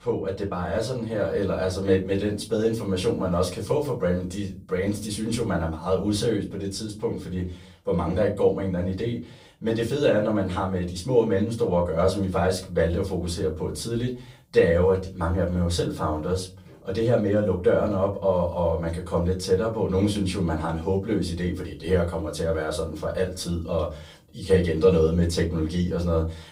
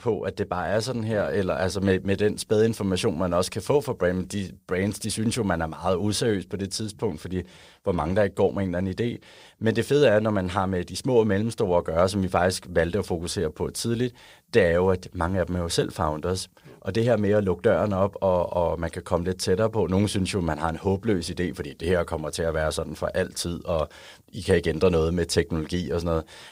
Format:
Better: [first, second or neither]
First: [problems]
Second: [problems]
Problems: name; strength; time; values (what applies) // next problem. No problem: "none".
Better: second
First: off-mic speech; far // room echo; very slight; dies away in 0.3 s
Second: none